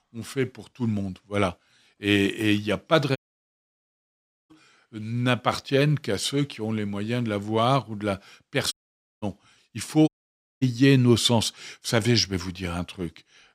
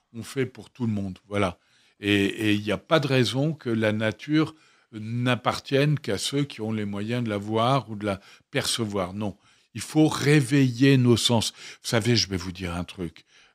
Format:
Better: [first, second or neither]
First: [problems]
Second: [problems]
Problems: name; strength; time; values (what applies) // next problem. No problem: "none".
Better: second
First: audio cutting out; at 3 s for 1.5 s, at 8.5 s for 0.5 s and at 10 s for 0.5 s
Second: none